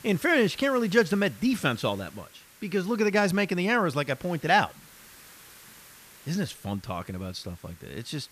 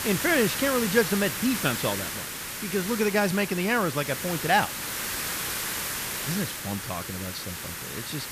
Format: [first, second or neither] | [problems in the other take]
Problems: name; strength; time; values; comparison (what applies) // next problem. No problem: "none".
first | hiss; loud; throughout; 4 dB below the speech; faint in the first